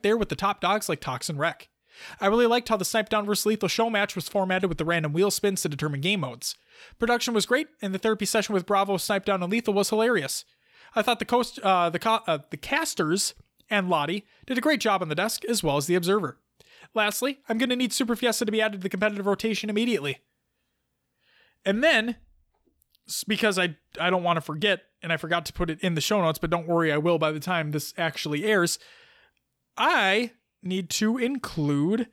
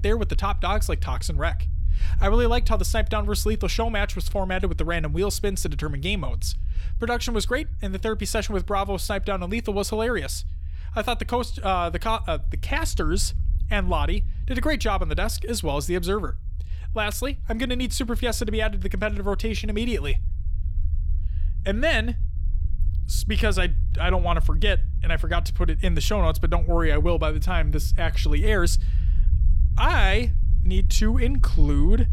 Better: first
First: none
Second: low rumble; faint; throughout; 20 dB below the speech

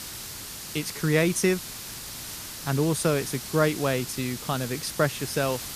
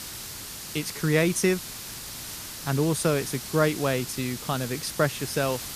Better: neither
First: hiss; loud; throughout; 9 dB below the speech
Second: hiss; loud; throughout; 9 dB below the speech

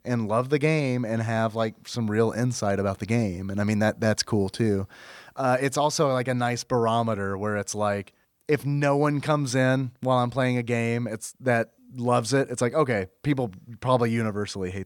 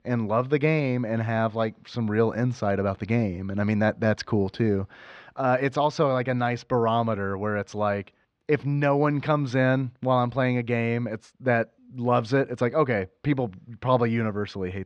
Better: first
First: none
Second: muffled; slightly; fading above 3.5 kHz

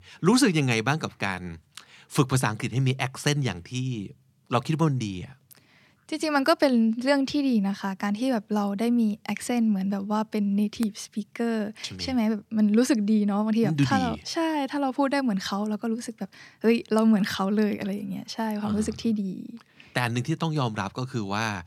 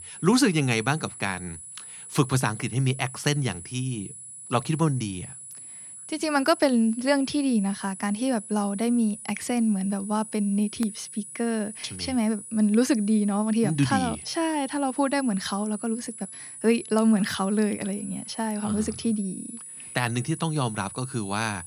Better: first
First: none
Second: high-pitched whine; noticeable; throughout; 10.5 kHz, 10 dB below the speech

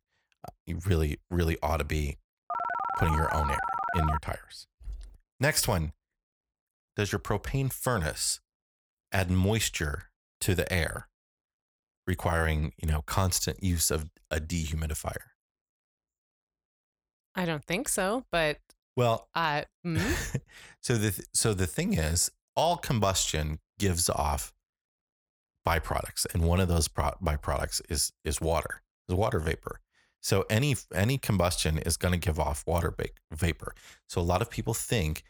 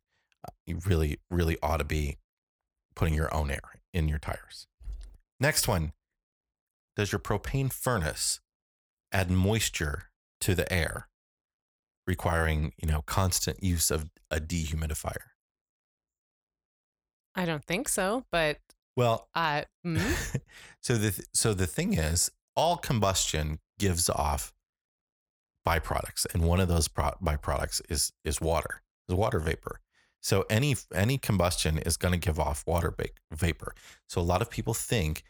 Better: second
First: phone ringing; noticeable; from 2.5 to 4 s; peak 1 dB below the speech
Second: none

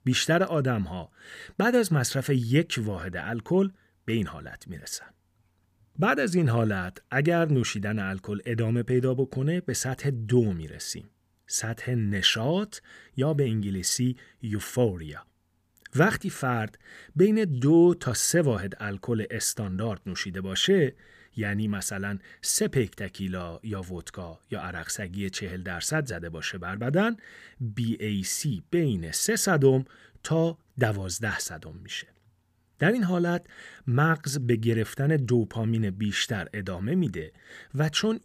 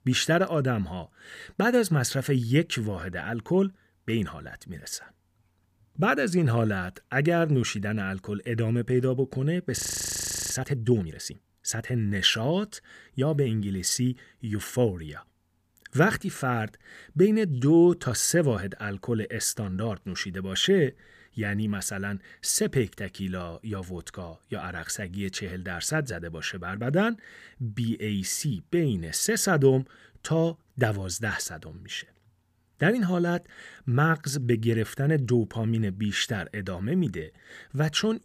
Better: first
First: none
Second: audio freezing; at 10 s for 0.5 s

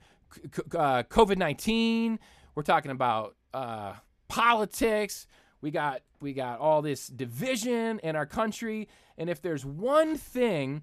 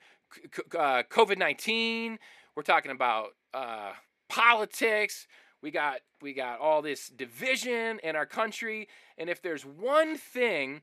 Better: first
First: none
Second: thin; somewhat; fading below 350 Hz

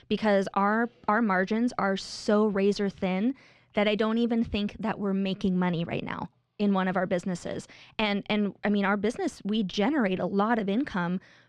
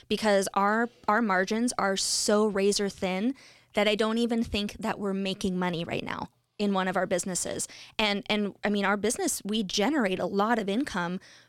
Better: second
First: muffled; slightly; fading above 3 kHz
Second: none

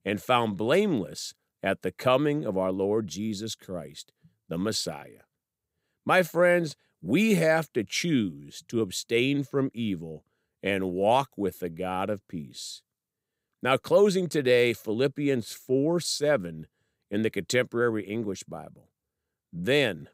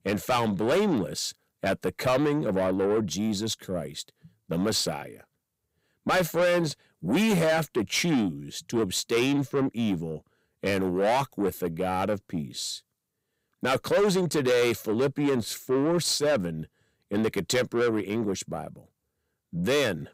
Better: first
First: none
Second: distortion; heavy; 8 dB below the speech

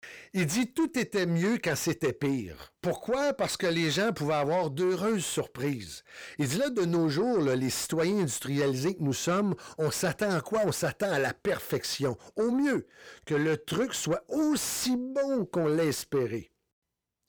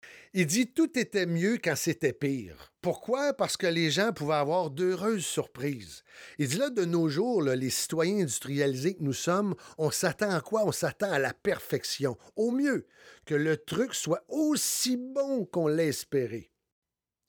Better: second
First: distortion; slight; 10 dB below the speech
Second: none

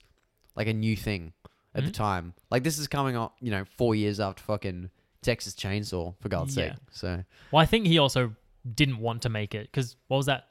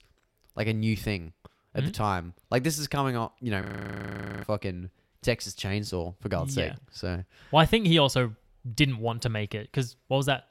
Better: first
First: none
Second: audio freezing; at 3.5 s for 1 s

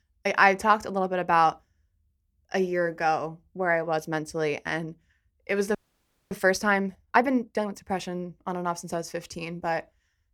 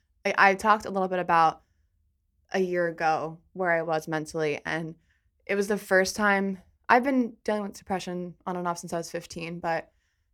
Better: second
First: audio freezing; at 6 s for 0.5 s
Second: none

